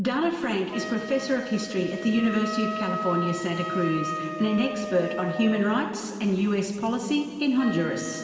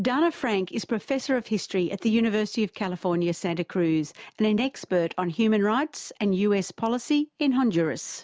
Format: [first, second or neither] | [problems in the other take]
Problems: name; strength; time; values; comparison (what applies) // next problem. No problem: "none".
second | background sound (Wind instrument, woodwind instrument); 9 dB below the speech // room echo; dies away in 2.3 s